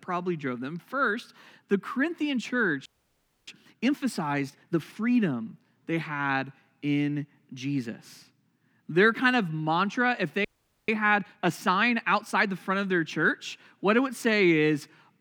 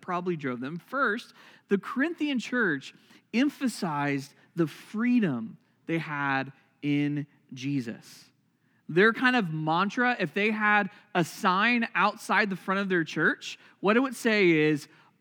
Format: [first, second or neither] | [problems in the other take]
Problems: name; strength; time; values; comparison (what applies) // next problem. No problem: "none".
second | audio freezing; at 3 s for 0.5 s and at 10 s